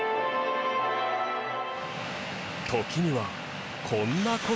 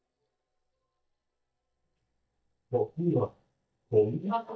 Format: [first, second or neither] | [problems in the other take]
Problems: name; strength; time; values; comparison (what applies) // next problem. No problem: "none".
first | noise reduction (neural mask model DeepFilterNet 3)